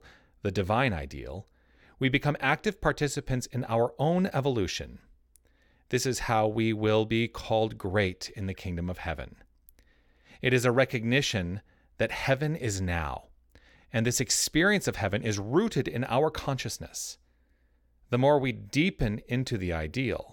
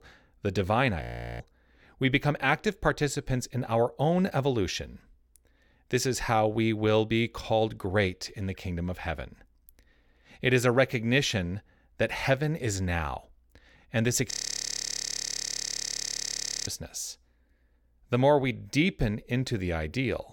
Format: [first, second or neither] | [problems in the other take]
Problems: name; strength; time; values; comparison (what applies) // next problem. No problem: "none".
first | audio freezing; at 1 s and at 14 s for 2.5 s